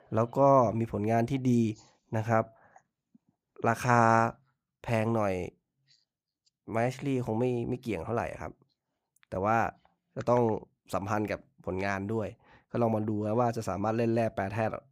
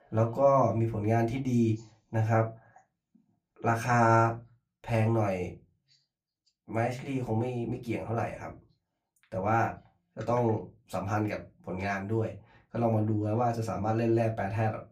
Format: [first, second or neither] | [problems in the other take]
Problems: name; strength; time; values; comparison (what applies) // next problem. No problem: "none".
first | off-mic speech; far // room echo; very slight; dies away in 0.2 s